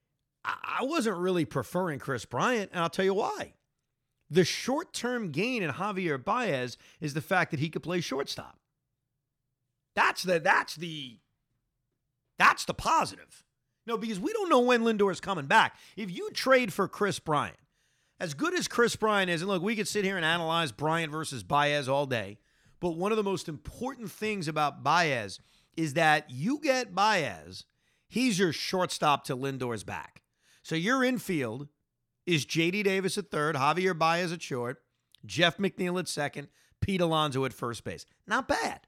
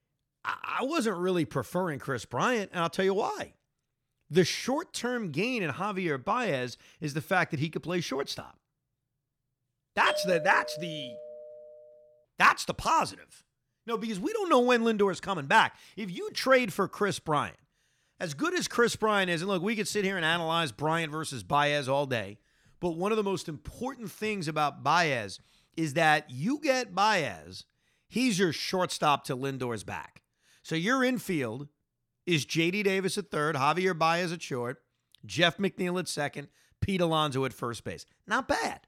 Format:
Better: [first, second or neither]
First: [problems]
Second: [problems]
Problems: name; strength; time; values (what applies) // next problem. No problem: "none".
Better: first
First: none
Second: doorbell; noticeable; from 10 to 12 s; peak 4 dB below the speech